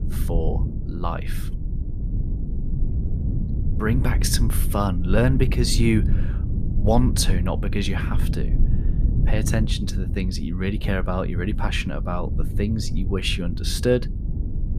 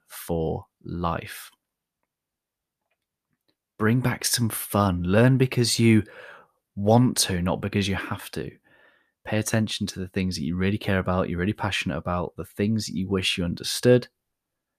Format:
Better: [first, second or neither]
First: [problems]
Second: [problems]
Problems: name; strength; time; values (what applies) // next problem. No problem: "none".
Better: second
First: low rumble; noticeable; throughout; 10 dB below the speech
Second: none